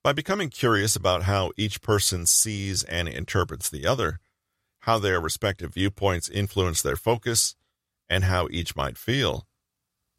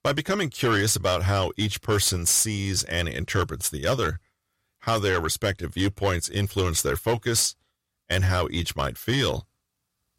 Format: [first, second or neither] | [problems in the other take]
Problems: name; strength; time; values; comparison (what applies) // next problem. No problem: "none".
first | distortion; slight; 10 dB below the speech